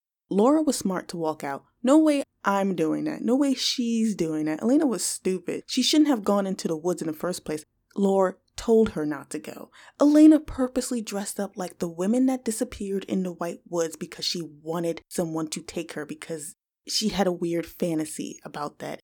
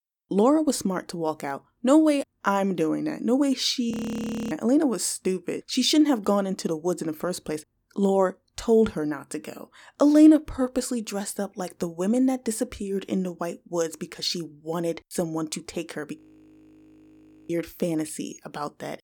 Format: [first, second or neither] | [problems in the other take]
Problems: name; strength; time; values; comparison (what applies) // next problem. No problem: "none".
first | audio freezing; at 4 s for 0.5 s and at 16 s for 1.5 s